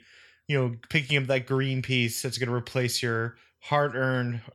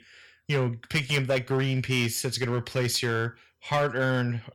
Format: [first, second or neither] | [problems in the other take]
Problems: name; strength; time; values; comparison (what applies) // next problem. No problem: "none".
first | distortion; slight; 5% of the sound clipped